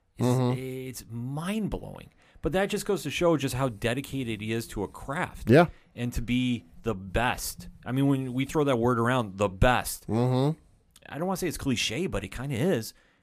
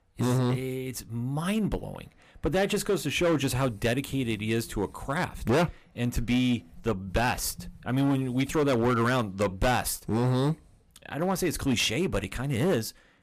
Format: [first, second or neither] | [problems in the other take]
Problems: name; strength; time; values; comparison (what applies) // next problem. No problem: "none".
first | distortion; heavy; 8% of the sound clipped